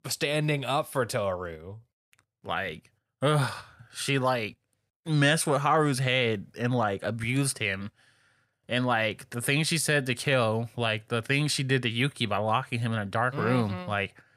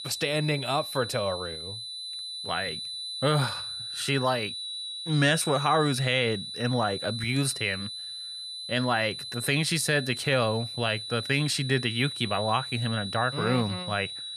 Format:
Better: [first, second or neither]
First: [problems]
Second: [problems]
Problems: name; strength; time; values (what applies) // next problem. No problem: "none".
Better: first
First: none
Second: high-pitched whine; loud; throughout; 4 kHz, 7 dB below the speech